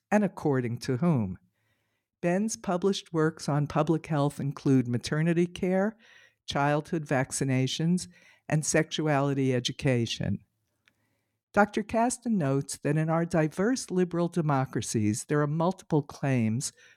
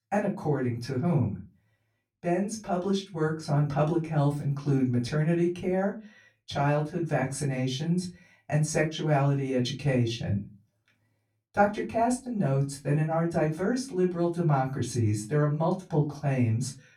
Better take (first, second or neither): first